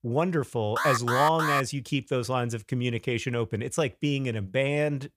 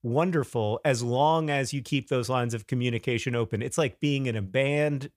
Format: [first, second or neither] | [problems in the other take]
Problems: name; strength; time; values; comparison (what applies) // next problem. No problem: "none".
second | alarm; loud; at 1 s; peak 1 dB above the speech